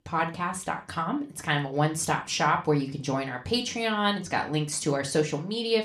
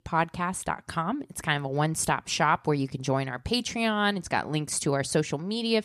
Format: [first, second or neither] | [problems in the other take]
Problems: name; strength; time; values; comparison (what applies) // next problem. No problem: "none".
second | room echo; very slight; dies away in 0.3 s